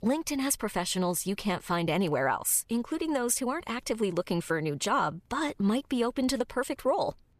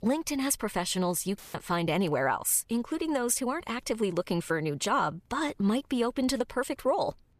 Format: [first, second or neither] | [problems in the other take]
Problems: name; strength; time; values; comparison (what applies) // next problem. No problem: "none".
first | audio cutting out; filled with static; at 1.5 s